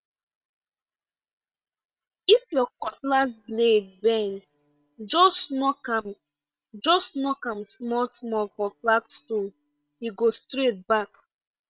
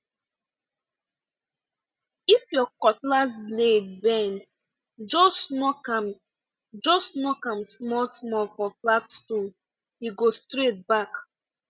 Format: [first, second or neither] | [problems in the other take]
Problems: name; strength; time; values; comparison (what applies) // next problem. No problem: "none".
second | noise reduction (neural separator model SepFormer WHAM!)